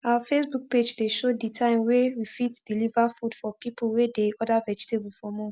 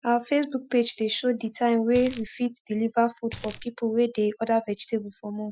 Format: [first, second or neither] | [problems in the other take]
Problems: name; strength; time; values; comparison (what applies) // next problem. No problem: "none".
first | noise reduction (classical method Wiener filter)